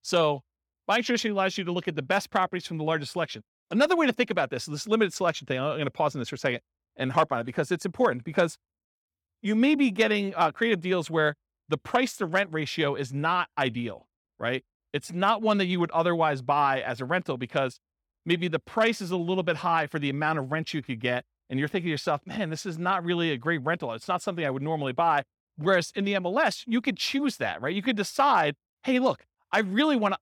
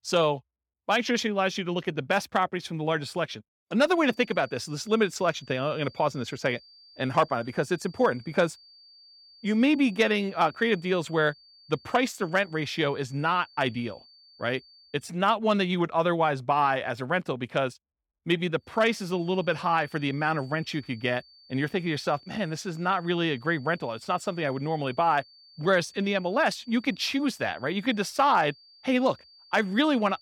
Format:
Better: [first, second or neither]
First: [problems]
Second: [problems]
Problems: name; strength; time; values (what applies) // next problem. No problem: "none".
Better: first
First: none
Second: high-pitched whine; faint; from 4 to 15 s and from 19 s on; 4.5 kHz, 25 dB below the speech